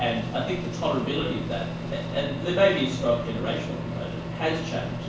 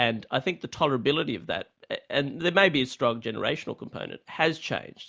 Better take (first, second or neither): second